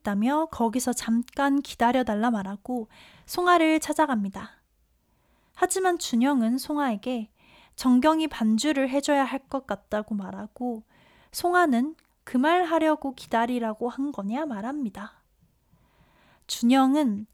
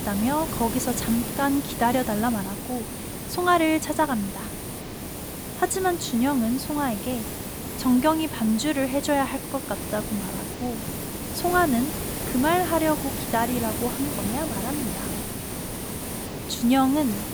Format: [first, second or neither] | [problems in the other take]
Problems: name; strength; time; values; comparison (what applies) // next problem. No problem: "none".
first | hiss; loud; throughout; 6 dB below the speech